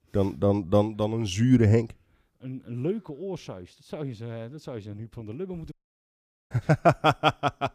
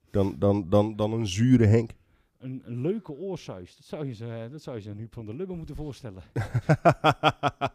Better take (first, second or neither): second